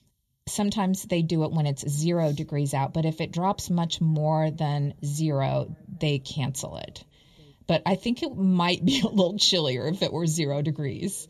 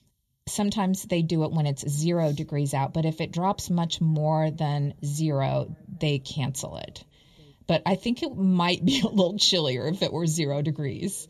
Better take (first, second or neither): neither